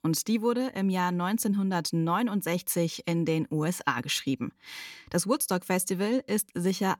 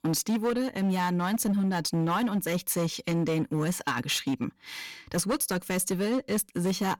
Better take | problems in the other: first | distortion; slight; 13% of the sound clipped

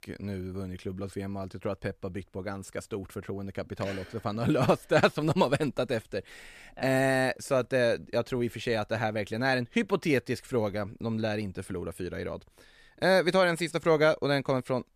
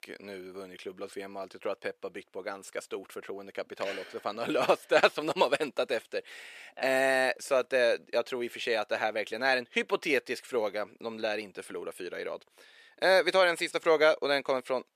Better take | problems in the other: first | thin; somewhat; fading below 450 Hz

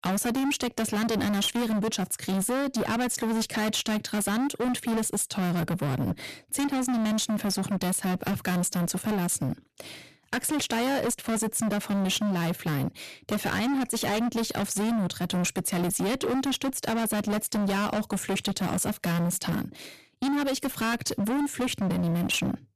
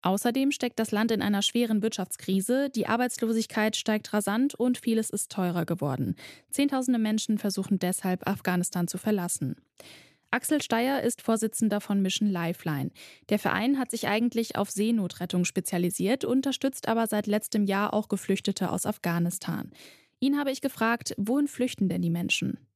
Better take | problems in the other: second | distortion; heavy; 34% of the sound clipped

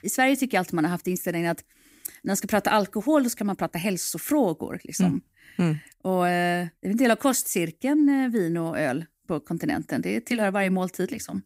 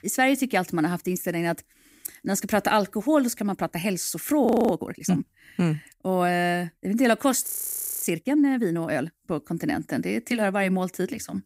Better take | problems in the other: first | audio freezing; at 4.5 s and at 7.5 s for 0.5 s

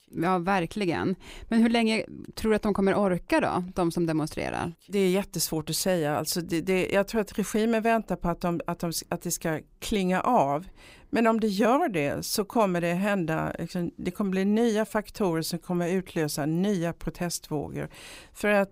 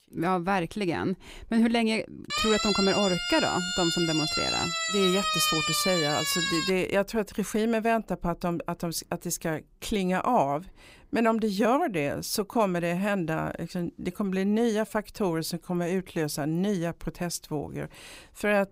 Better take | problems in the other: first | siren; loud; from 2.5 to 6.5 s; peak 4 dB above the speech

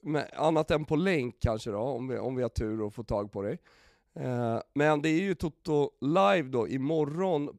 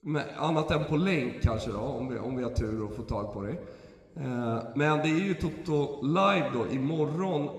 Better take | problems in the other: first | room echo; slight; dies away in 1.5 s

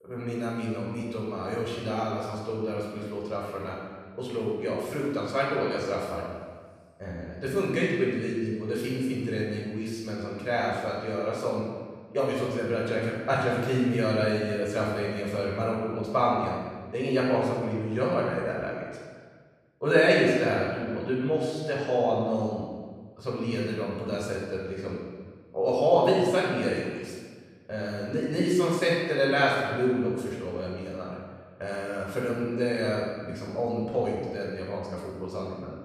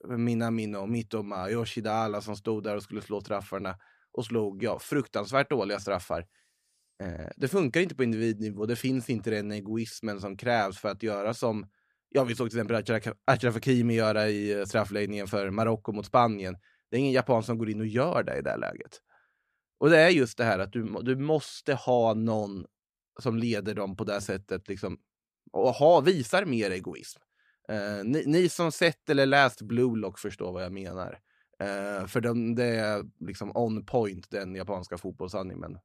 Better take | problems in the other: second | room echo; strong; dies away in 1.4 s // off-mic speech; far

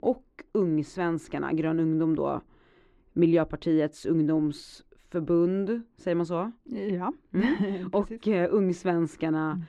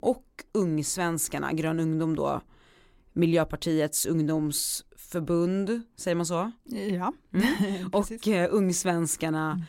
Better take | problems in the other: second | muffled; very; fading above 2.5 kHz

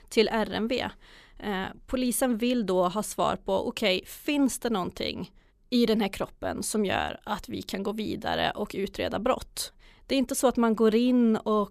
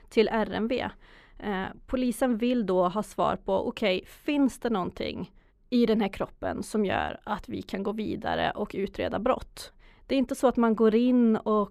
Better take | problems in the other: first | muffled; slightly; fading above 3.5 kHz

